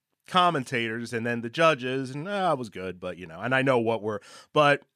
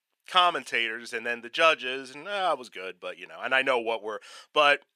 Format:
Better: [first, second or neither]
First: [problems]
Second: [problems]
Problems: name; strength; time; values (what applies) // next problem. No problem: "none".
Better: first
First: none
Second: thin; somewhat; fading below 500 Hz